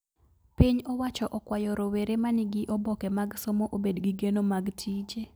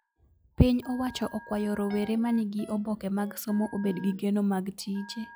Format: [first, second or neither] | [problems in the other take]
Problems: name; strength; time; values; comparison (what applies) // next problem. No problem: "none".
first | noise reduction (classical method log-MMSE)